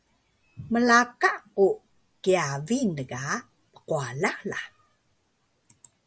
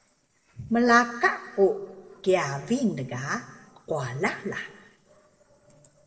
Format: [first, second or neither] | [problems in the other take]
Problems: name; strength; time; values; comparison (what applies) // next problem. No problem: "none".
first | noise reduction (neural separator model SepFormer DNS4)